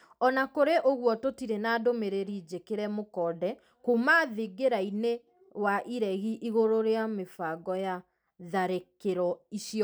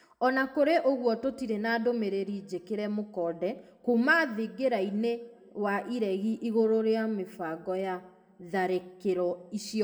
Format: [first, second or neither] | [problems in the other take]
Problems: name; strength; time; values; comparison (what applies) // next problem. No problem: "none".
first | room echo; dies away in 1 s